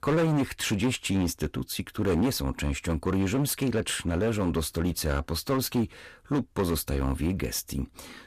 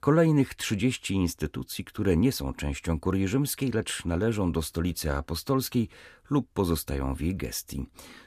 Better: second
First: distortion; heavy; 14% of the sound clipped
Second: none

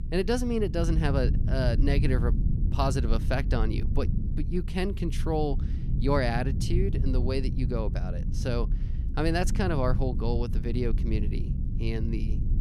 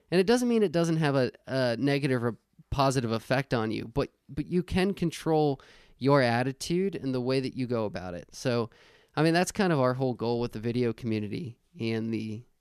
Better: second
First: low rumble; noticeable; throughout; 10 dB below the speech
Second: none

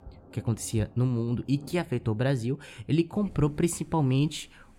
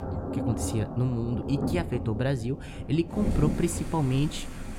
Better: first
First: rain or running water; faint; throughout; 25 dB below the speech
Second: rain or running water; loud; throughout; 4 dB below the speech

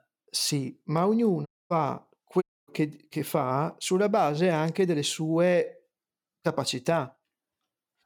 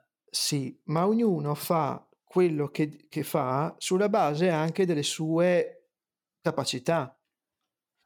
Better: second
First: audio cutting out; at 1.5 s and at 2.5 s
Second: none

